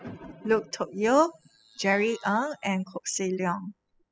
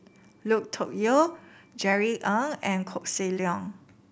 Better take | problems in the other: second | noise reduction (classical method spectral subtraction)

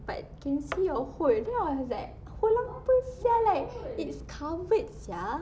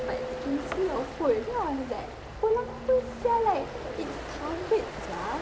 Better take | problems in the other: first | background sound (Ocean); 9 dB below the speech

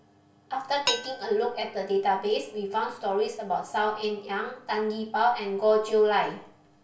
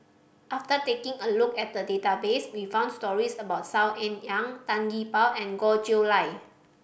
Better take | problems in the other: second | background sound (Dishes, pots, and pans); 11 dB below the speech // room echo; dies away in 0.3 s

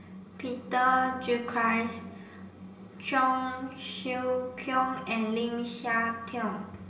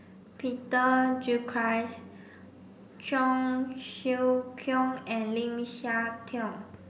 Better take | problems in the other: second | room echo; dies away in 0.8 s

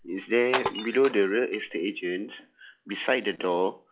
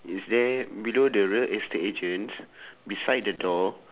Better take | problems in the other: second | noise reduction (classical method log-MMSE)

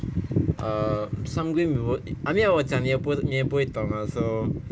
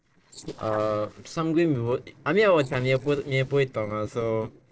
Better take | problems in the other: first | noise reduction (neural separator model SepFormer DNS4)

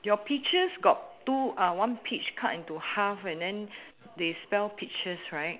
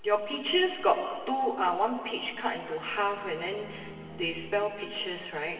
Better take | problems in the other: first | background sound (Bowed string instrument); 20 dB below the speech // room echo; dies away in 2.3 s

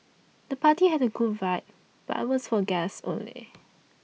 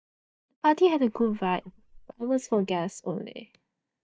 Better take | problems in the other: first | noise reduction (neural mask model DeepFilterNet 3)

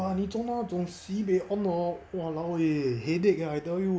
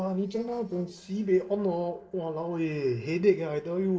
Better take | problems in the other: first | noise reduction (neural separator model SepFormer DNS4)

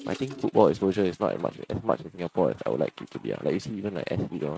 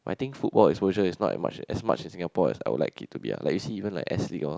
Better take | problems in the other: second | noise reduction (neural mask model RNNoise)

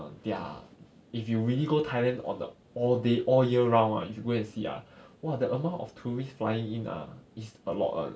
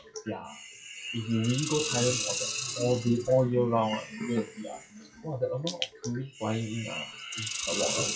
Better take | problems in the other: first | noise reduction (classical method WPE with log-MMSE)

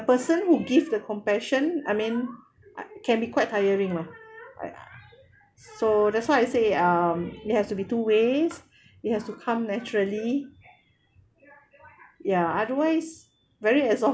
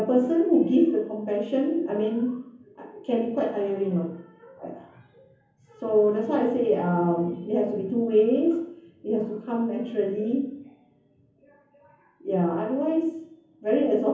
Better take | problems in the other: first | room echo; dies away in 0.7 s

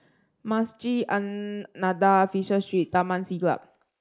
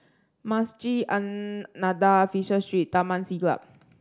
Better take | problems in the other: second | noise reduction (neural mask model Resemble Enhance denoiser)

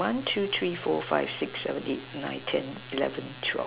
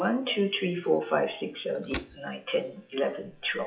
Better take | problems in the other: first | noise reduction (classical method WPE with log-MMSE)

